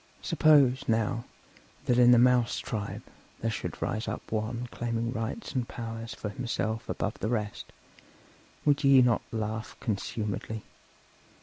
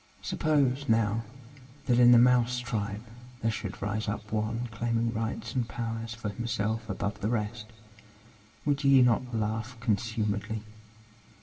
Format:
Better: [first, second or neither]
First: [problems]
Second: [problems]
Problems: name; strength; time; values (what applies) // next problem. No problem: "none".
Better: first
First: none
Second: room echo; dies away in 1.7 s